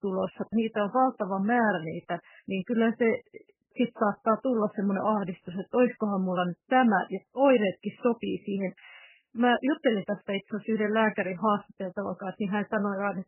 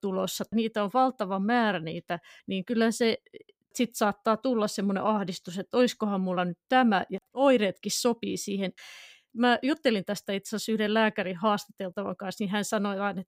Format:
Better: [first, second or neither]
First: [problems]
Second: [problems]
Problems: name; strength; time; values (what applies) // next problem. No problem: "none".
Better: second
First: garbled, watery; badly; nothing above 3 kHz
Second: none